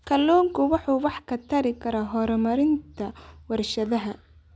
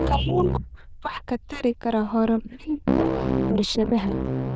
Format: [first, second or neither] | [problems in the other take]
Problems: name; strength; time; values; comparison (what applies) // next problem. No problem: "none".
first | noise reduction (neural diffusion model UNIVERSE++)